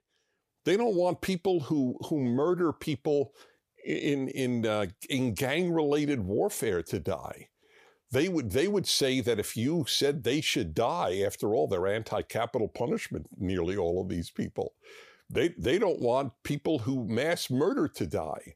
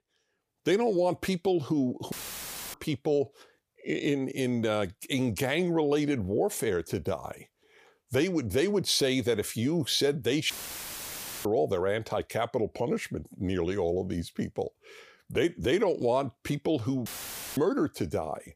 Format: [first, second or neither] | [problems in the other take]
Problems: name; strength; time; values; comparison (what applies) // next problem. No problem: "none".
first | audio cutting out; filled with static; at 2 s for 0.5 s, at 11 s for 1 s and at 17 s for 0.5 s